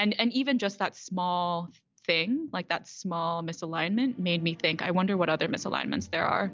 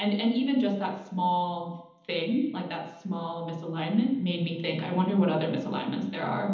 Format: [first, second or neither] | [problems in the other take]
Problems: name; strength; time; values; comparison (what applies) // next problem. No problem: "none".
first | room echo; dies away in 1.3 s